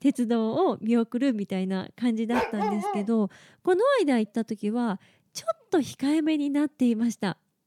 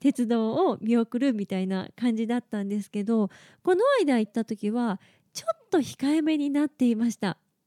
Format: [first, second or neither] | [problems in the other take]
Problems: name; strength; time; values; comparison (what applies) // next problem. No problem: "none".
second | dog barking; noticeable; at 2.5 s; peak 2 dB below the speech